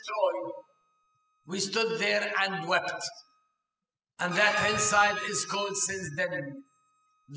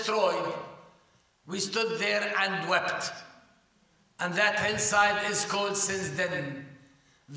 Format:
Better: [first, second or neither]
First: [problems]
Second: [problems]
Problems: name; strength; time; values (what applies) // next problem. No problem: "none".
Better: second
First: noise reduction (classical method spectral subtraction)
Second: none